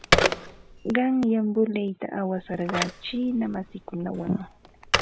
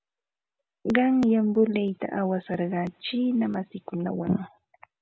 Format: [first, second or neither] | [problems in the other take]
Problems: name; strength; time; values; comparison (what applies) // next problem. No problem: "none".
second | background sound (Telephone); 3 dB below the speech